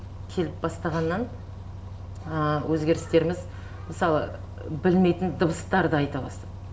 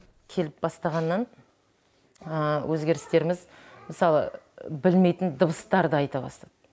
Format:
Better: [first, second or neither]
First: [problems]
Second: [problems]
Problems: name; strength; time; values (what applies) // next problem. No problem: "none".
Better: second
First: background sound (Bus); 11 dB below the speech // room echo; dies away in 0.6 s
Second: none